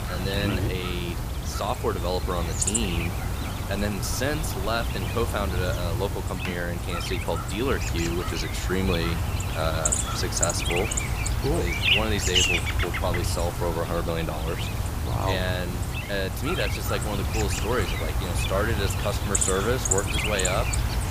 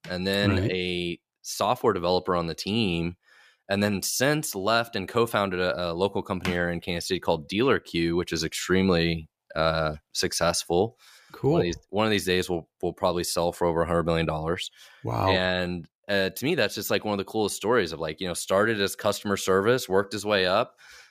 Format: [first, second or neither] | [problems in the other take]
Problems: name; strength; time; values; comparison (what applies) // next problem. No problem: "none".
second | animal sounds; very loud; throughout; 2 dB above the speech